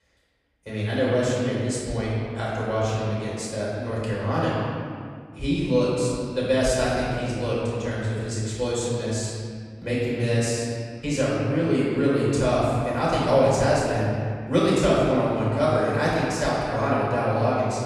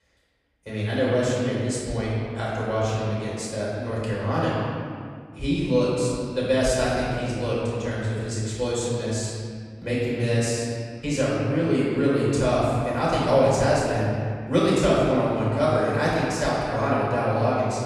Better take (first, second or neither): neither